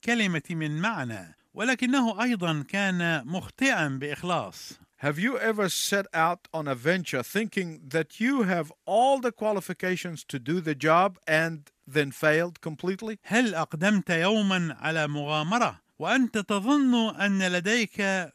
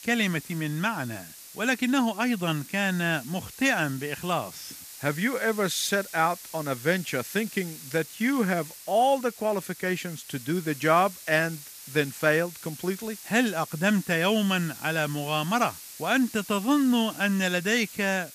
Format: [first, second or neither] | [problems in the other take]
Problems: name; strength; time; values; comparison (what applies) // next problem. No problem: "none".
first | hiss; noticeable; throughout; 15 dB below the speech